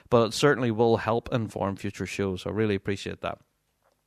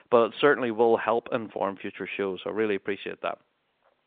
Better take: first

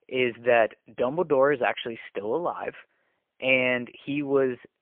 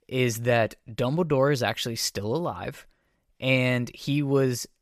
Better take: second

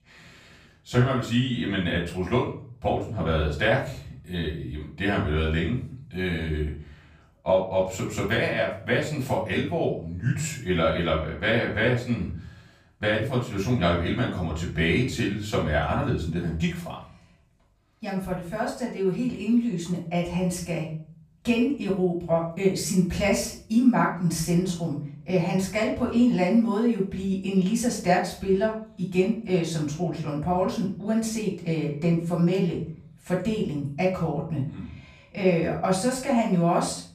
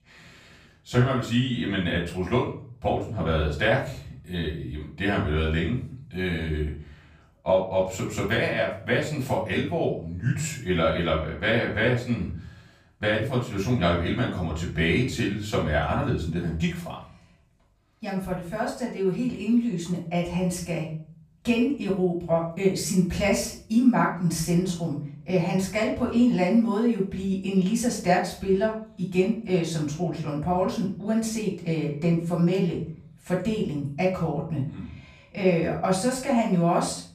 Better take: neither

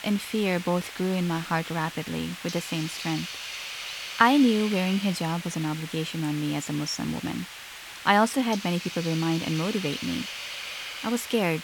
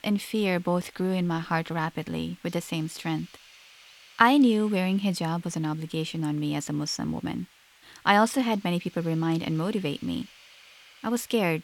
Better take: second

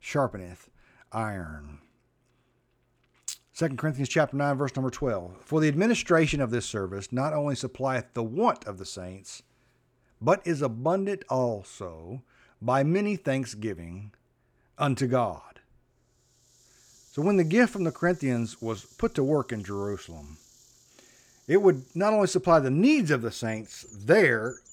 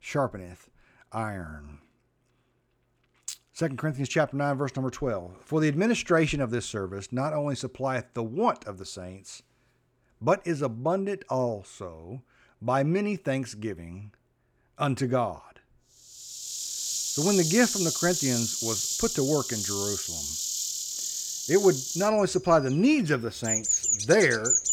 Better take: first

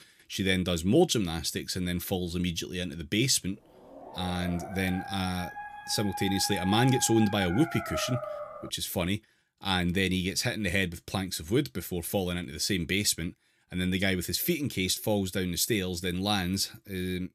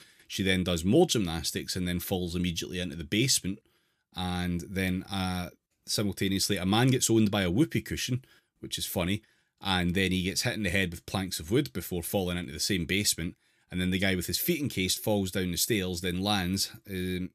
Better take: second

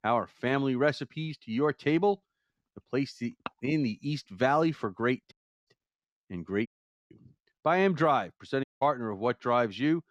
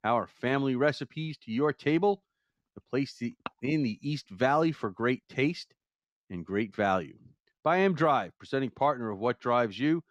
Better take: second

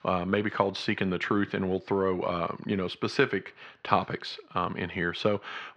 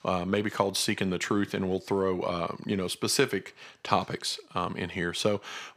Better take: second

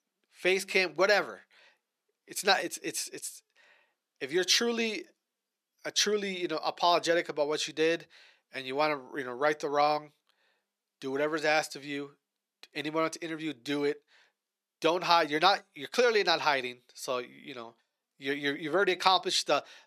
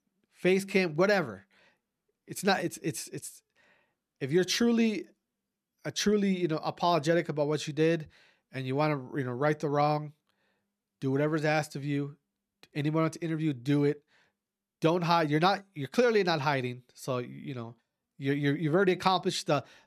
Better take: second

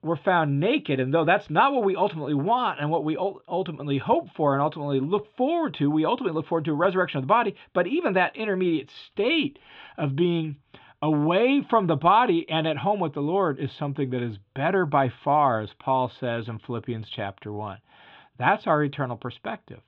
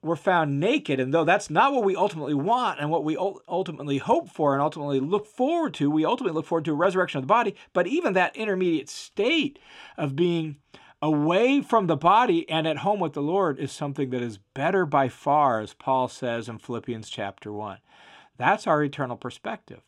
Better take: second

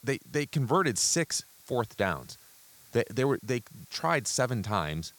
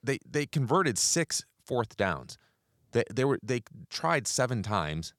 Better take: second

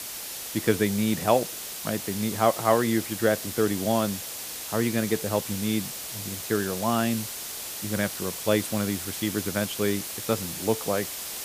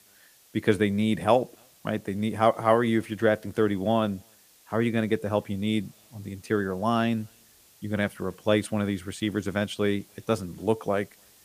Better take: second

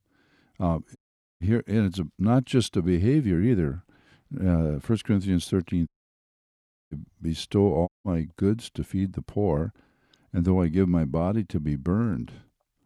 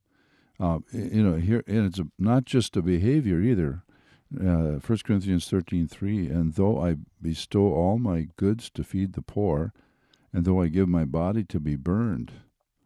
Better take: second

